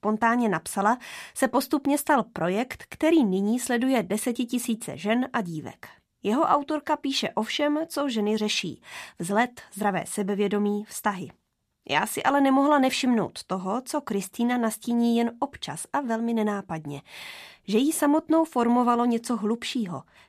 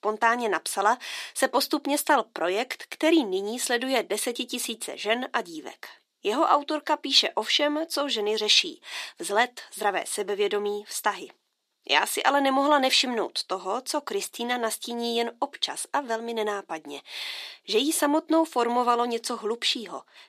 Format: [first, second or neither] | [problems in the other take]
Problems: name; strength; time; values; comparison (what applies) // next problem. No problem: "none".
first | thin; somewhat; fading below 350 Hz